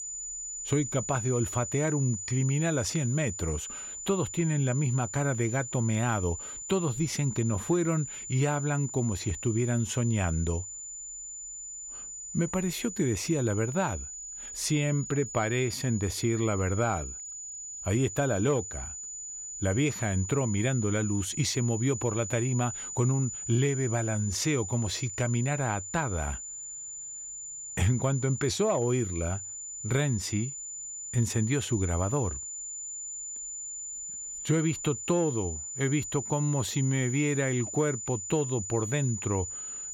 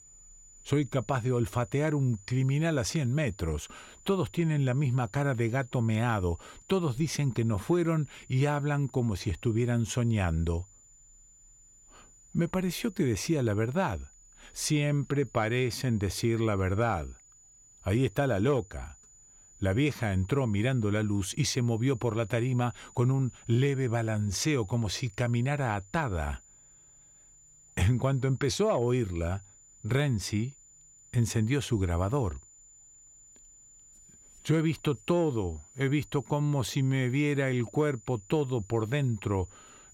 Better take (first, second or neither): second